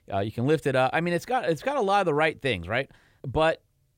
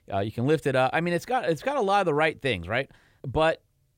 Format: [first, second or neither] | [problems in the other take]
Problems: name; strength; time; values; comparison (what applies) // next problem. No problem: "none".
neither | none